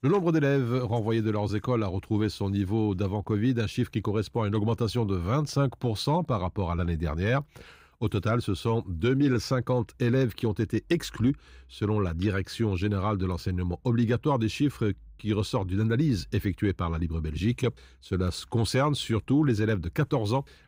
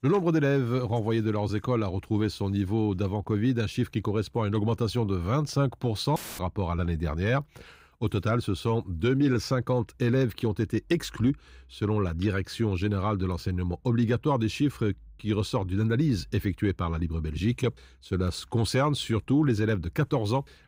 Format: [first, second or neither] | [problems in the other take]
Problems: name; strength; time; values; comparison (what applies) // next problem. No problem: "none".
first | audio cutting out; filled with static; at 6 s